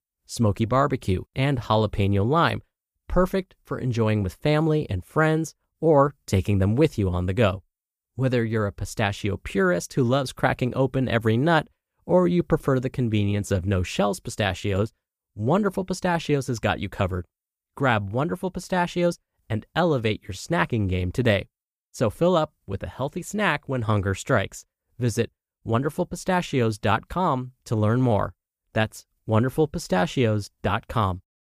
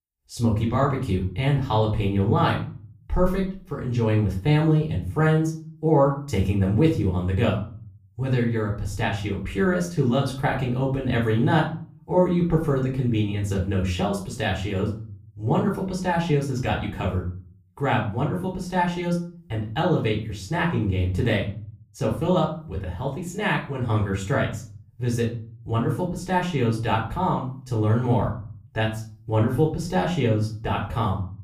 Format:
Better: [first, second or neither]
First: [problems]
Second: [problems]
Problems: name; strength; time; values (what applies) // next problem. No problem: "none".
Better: first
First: none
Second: off-mic speech; far // room echo; slight; dies away in 0.4 s